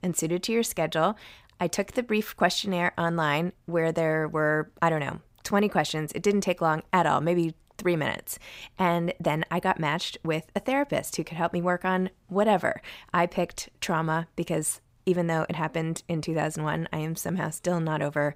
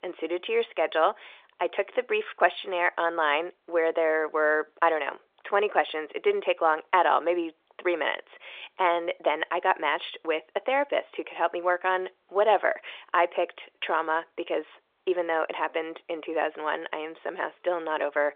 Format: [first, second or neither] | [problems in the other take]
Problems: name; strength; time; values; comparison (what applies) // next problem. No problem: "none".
first | phone-call audio